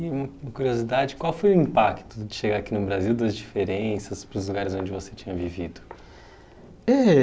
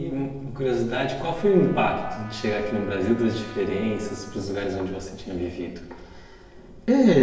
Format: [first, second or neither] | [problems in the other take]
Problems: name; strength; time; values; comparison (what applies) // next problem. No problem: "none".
first | background sound (Trumpet); 20 dB below the speech // room echo; dies away in 1 s